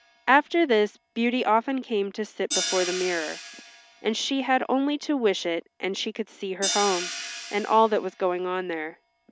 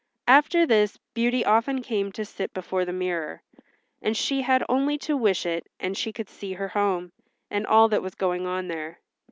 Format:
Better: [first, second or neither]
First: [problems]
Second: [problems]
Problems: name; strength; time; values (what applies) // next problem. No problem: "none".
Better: second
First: background sound (Hi-hat); 11 dB below the speech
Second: none